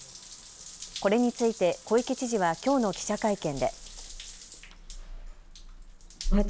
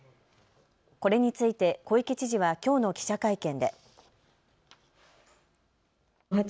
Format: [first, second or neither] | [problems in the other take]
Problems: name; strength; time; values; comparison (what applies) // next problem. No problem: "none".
second | background sound (Drip / Trickle, dribble / Bathtub (filling or washing) / Water tap, faucet); 7 dB below the speech